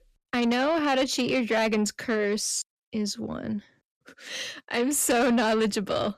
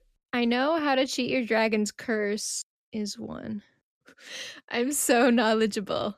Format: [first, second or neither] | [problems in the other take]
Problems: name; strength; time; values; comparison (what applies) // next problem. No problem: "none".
second | distortion; slight; 10 dB below the speech